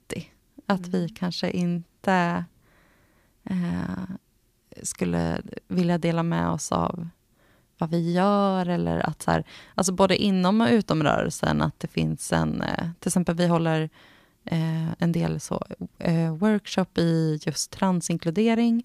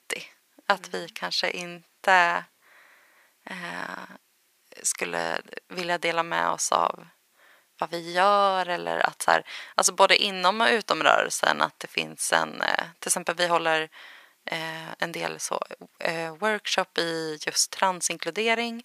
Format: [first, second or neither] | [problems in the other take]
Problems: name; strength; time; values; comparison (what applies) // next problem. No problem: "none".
first | thin; very; fading below 700 Hz